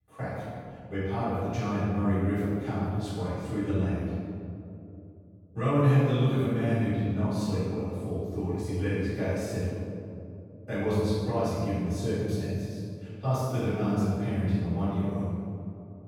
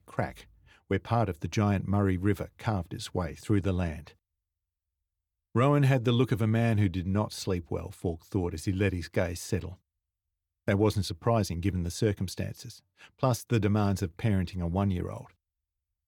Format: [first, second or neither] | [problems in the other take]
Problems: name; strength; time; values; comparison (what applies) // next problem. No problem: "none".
second | off-mic speech; far // room echo; strong; dies away in 2.4 s